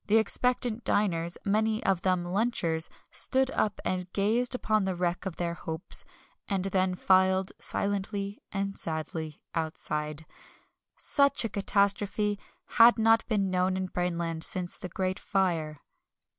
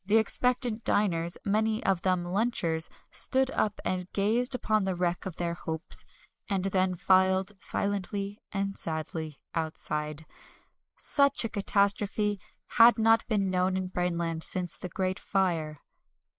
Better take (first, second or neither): first